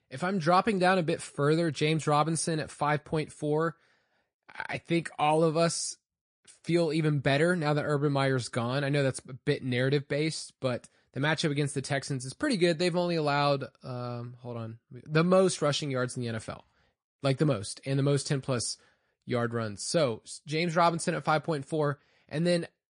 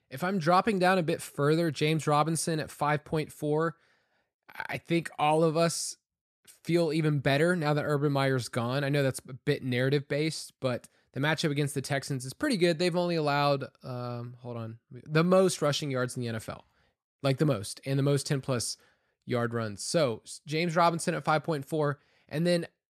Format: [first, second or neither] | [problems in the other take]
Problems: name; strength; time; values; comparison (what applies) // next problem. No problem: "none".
second | garbled, watery; slightly; nothing above 10 kHz